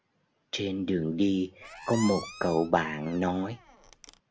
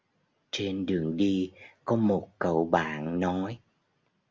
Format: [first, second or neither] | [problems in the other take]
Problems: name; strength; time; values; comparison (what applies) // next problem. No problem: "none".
second | background sound (Squeak); 14 dB below the speech